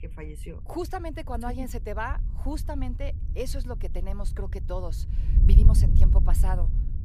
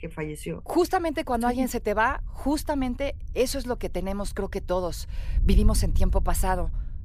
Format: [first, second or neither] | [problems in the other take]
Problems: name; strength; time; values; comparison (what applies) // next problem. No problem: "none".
second | wind noise on the microphone; heavy; 8 dB below the speech; occasional gusts in the second